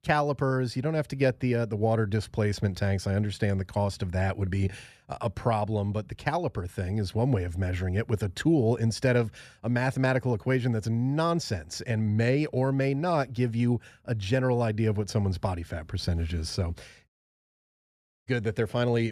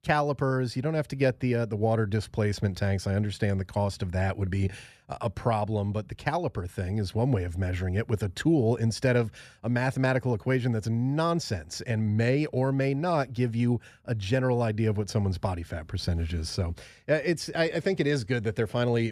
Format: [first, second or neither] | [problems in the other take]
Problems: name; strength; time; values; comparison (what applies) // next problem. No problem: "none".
second | audio cutting out; at 17 s for 1 s